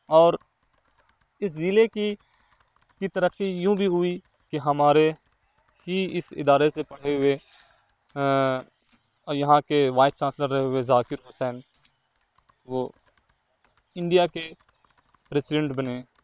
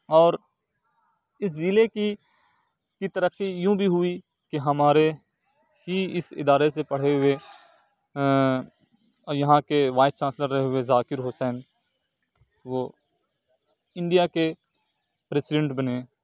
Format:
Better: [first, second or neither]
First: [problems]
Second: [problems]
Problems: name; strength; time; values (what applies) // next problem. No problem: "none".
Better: second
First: noise reduction (neural separator model SepFormer WHAM!)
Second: none